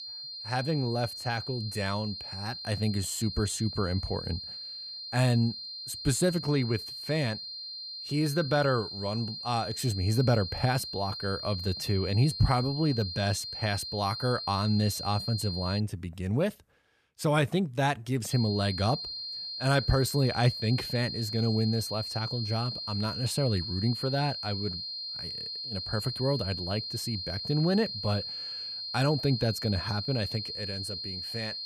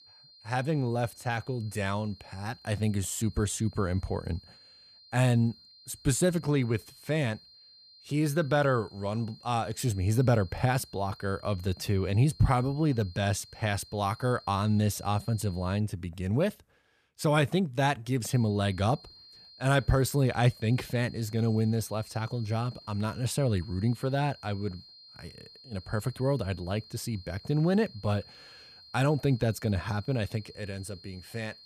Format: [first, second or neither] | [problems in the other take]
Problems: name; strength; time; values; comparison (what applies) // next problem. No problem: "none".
second | high-pitched whine; loud; until 16 s and from 18 s on; 4 kHz, 6 dB below the speech; faint in the second